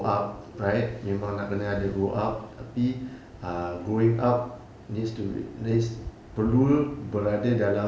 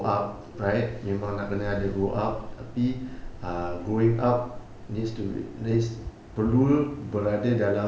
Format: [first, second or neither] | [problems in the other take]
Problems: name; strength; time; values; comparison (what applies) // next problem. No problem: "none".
first | background sound (Rain); 15 dB below the speech